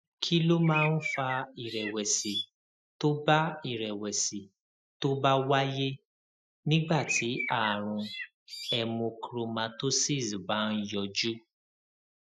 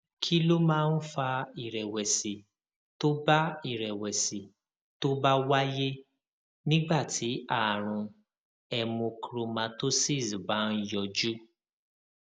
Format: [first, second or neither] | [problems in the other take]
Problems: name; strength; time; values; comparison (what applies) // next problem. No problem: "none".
second | noise reduction (classical method Wiener filter)